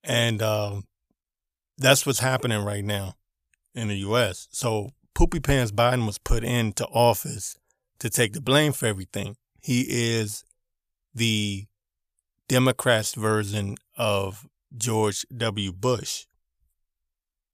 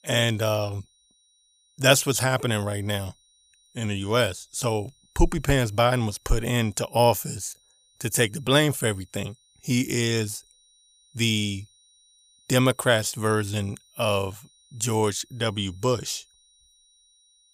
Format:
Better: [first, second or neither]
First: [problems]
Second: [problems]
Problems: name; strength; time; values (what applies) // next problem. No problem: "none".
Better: first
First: none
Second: high-pitched whine; faint; throughout; 4 kHz, 35 dB below the speech